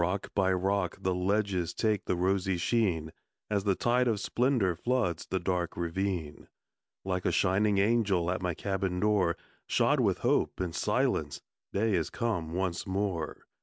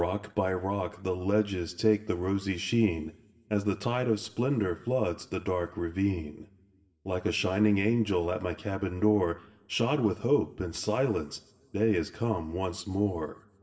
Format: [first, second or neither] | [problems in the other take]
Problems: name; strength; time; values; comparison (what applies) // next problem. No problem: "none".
first | room echo; dies away in 0.9 s